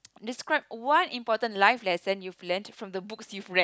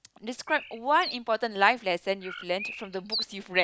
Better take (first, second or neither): first